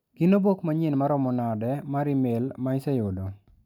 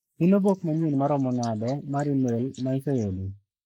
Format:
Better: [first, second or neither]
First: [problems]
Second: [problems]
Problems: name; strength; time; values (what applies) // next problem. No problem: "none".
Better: first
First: none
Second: noise reduction (neural mask model Resemble Enhance denoiser)